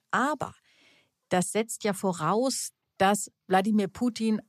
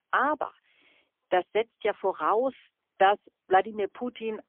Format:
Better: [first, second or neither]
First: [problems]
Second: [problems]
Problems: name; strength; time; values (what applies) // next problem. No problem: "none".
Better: first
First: none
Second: phone-call audio; poor line; nothing above 3 kHz